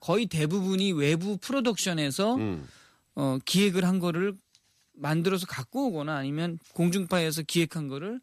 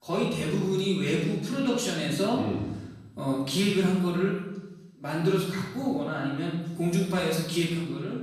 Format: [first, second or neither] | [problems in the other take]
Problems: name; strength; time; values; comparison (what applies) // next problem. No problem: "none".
first | off-mic speech; far // room echo; noticeable; dies away in 0.9 s